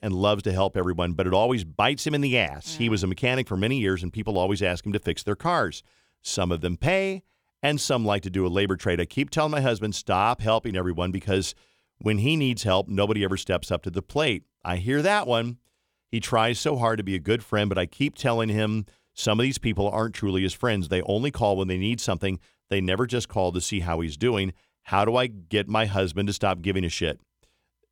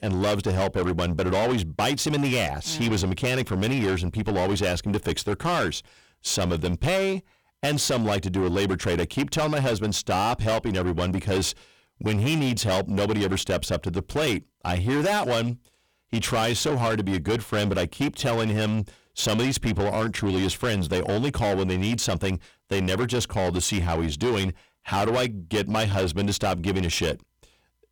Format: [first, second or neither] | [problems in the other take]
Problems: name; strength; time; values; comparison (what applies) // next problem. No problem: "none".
first | distortion; heavy; 6 dB below the speech